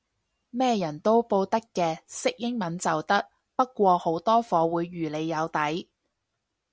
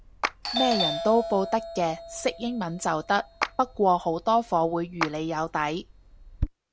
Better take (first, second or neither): first